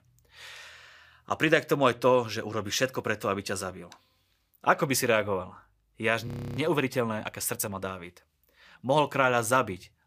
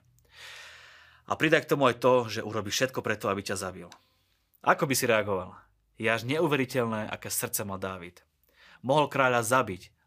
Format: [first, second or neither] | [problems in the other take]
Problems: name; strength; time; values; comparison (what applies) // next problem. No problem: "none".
second | audio freezing; at 6.5 s